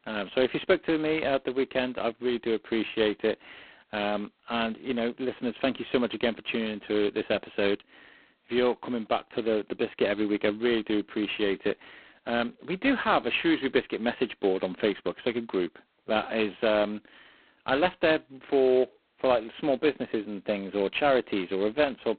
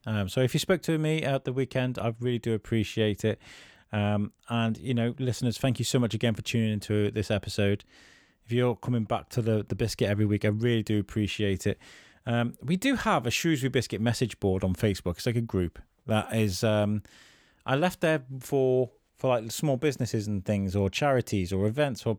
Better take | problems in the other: second | phone-call audio; poor line; nothing above 4 kHz

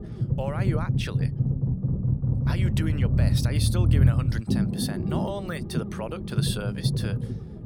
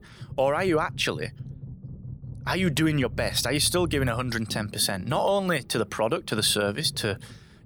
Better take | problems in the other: second | low rumble; loud; throughout; 1 dB below the speech; faint in the second

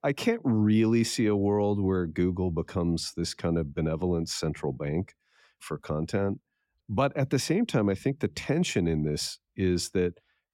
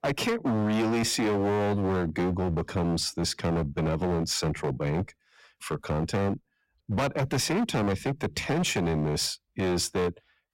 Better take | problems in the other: first | distortion; heavy; 22% of the sound clipped

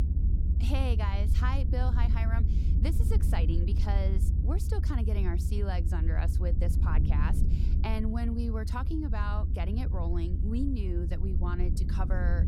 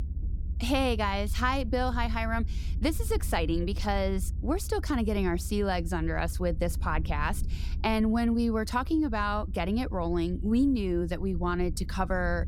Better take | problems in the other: second | low rumble; loud; throughout; 6 dB below the speech; faint in the second

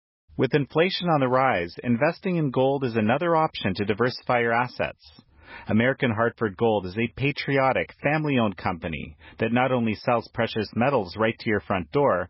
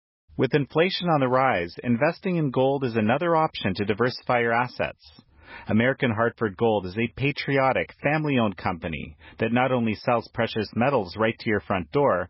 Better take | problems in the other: neither | garbled, watery; badly; nothing above 5.5 kHz; the same in both

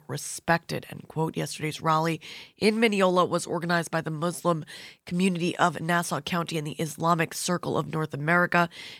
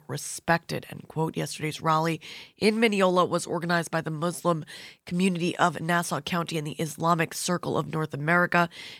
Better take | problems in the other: neither | none

